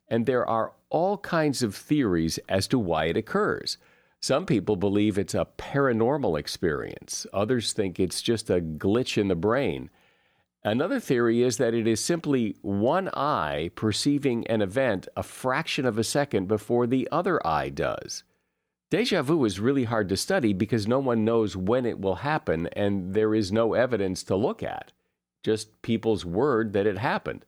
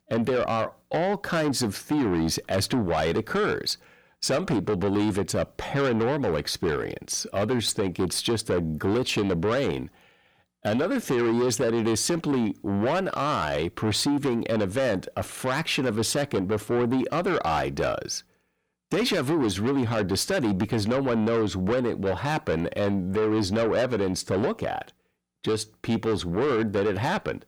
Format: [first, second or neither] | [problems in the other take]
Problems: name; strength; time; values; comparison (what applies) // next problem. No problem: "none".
first | distortion; heavy; 8 dB below the speech